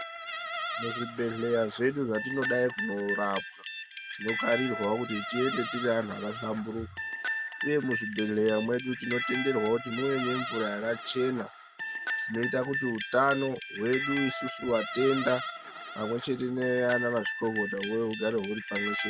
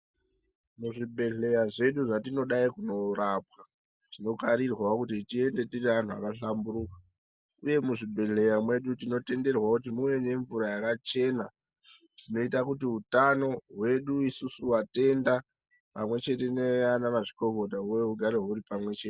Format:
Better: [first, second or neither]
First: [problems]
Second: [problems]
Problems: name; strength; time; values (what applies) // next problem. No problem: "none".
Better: second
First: background sound (Guitar); 6 dB below the speech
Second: none